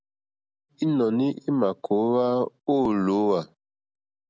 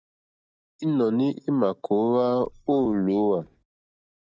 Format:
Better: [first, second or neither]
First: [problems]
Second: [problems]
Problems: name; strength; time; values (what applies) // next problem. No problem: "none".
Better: first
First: none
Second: noise reduction (neural mask model DeepFilterNet 3)